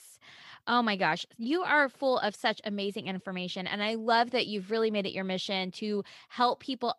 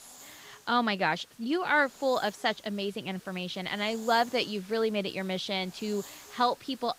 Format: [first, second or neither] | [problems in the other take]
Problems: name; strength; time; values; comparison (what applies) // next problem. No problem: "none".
first | hiss; faint; throughout; 20 dB below the speech